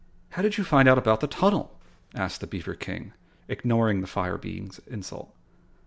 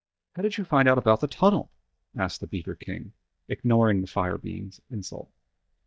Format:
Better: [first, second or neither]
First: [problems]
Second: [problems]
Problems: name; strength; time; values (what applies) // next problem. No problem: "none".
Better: first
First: none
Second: noise reduction (neural mask model DeepFilterNet 3)